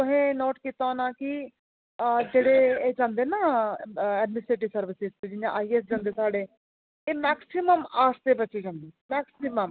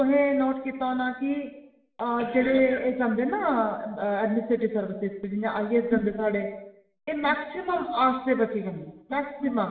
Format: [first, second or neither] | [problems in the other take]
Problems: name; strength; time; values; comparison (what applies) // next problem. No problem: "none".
first | room echo; dies away in 0.8 s